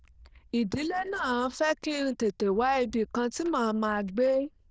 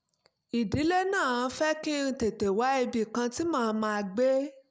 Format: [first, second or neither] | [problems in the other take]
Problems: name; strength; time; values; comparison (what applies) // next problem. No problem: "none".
second | noise reduction (neural diffusion model UNIVERSE++)